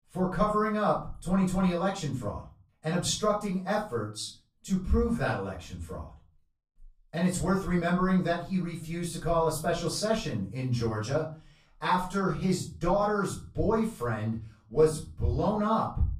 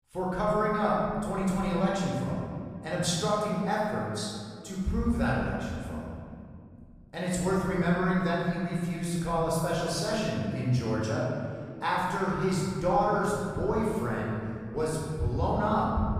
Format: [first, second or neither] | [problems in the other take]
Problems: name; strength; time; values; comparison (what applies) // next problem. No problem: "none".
first | room echo; strong; dies away in 2.2 s; slight in the first // off-mic speech; far; far in the first